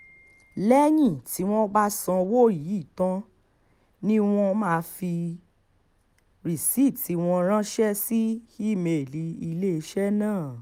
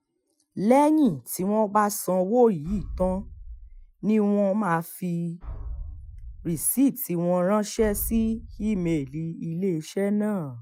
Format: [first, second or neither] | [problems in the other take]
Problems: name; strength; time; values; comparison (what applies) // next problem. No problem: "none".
first | noise reduction (classical method Wiener filter)